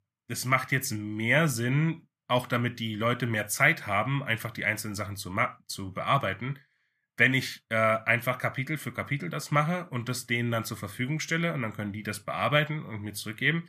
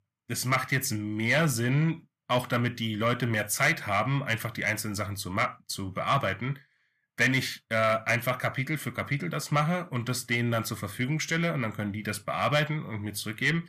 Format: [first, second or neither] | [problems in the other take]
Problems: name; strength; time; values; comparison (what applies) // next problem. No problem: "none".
first | distortion; slight; 10 dB below the speech